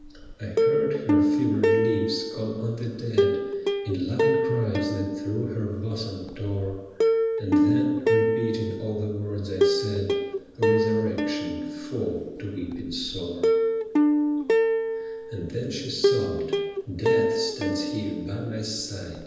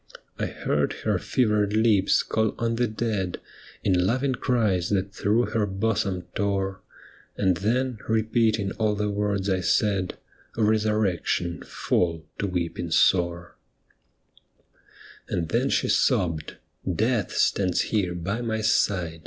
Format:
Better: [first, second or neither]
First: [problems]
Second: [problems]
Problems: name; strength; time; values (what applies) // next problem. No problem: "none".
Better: second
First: background sound (Plucked string instrument); 5 dB above the speech // room echo; dies away in 1.1 s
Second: none